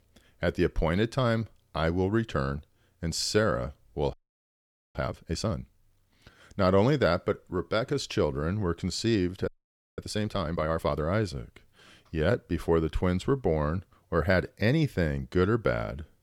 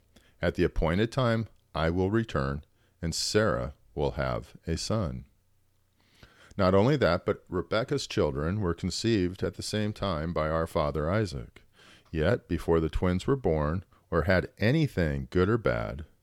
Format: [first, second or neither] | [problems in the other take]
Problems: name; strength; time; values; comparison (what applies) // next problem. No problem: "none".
second | audio freezing; at 4 s for 1 s and at 9.5 s for 0.5 s